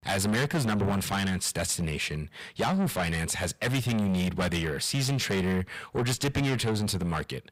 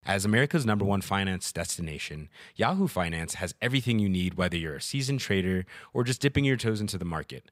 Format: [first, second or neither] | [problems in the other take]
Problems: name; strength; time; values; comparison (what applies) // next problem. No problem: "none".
second | distortion; heavy; 5 dB below the speech